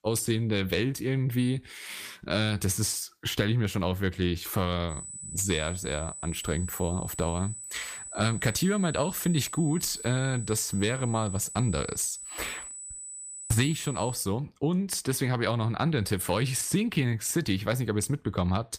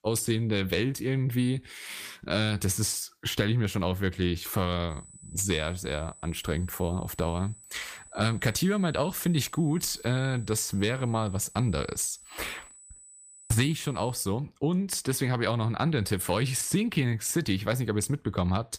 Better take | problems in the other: second | high-pitched whine; loud; from 5 to 14 s; 8 kHz, 9 dB below the speech; faint in the second

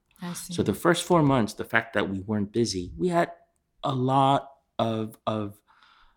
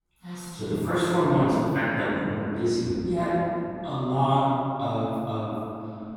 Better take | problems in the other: first | off-mic speech; far // room echo; strong; dies away in 2.9 s

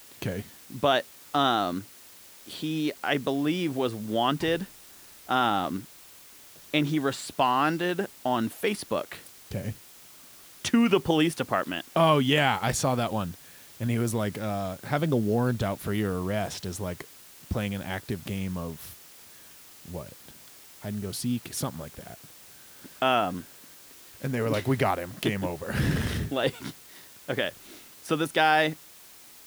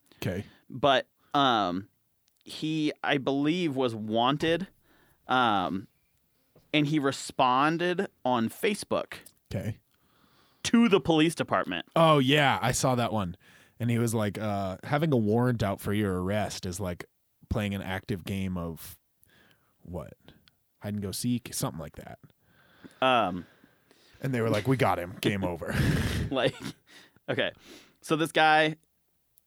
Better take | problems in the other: second | hiss; noticeable; throughout; 20 dB below the speech

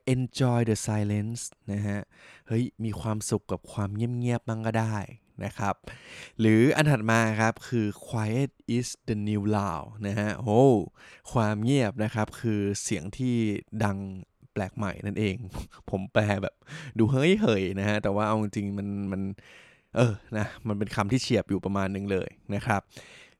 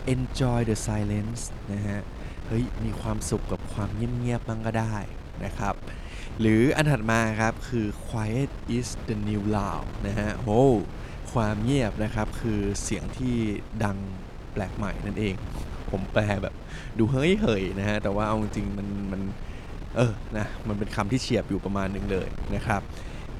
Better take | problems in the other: first | wind noise on the microphone; occasional gusts; 15 dB below the speech

